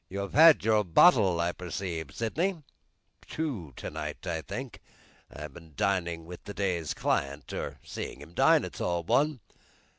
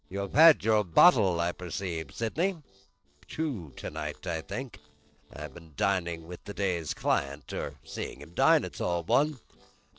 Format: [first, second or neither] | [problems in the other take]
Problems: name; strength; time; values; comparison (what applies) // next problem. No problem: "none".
first | noise reduction (neural separator model SepFormer DNS4)